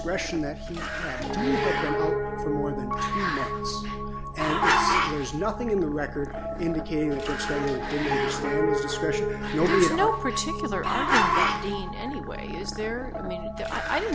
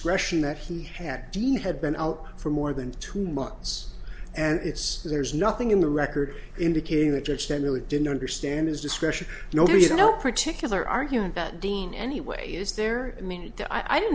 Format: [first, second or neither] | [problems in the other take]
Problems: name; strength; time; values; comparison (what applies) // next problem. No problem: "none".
second | background sound (Growling + Piano); 1 dB above the speech